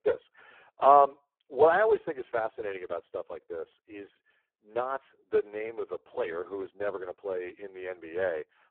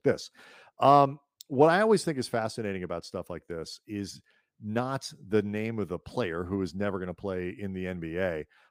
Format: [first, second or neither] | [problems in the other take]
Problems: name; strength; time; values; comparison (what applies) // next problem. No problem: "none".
second | phone-call audio; poor line